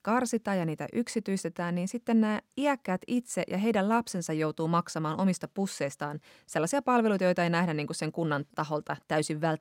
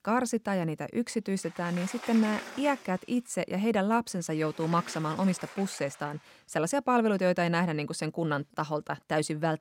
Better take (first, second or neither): first